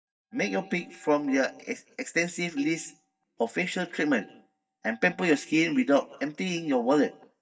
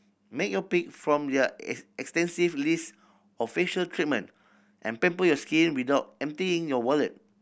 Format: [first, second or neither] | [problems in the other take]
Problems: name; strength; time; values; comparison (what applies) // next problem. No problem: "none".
second | noise reduction (neural mask model DeepFilterNet 3)